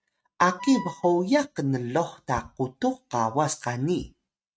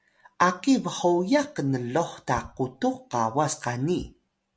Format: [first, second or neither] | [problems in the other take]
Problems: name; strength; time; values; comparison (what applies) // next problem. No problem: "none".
second | noise reduction (neural mask model RNNoise)